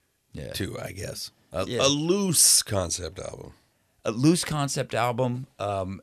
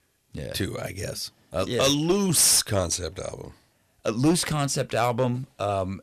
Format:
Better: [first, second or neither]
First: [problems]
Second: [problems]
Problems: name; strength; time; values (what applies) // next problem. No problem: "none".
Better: first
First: none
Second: distortion; slight; 4% of the sound clipped